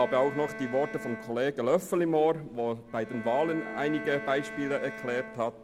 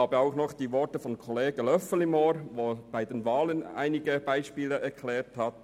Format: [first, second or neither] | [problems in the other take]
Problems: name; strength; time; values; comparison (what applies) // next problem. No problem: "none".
second | background sound (Bowed string instrument); 13 dB below the speech